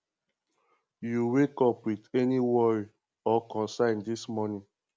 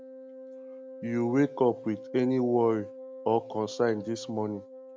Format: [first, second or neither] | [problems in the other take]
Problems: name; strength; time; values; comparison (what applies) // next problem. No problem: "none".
first | background sound (Wind instrument, woodwind instrument); 14 dB below the speech